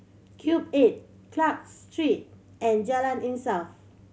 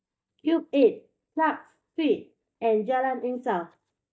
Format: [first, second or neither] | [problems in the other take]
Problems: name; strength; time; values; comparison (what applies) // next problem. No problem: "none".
first | noise reduction (neural mask model DeepFilterNet 3)